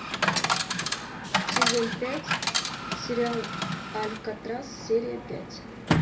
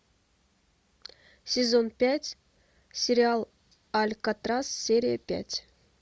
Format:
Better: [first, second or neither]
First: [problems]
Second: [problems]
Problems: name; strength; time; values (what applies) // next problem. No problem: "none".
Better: second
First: background sound (Coin (dropping) / Chatter); 4 dB above the speech // room echo; dies away in 0.3 s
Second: none